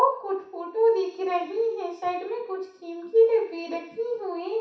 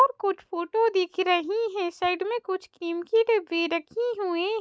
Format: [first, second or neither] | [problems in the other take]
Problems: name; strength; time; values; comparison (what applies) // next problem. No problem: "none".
second | room echo; dies away in 0.6 s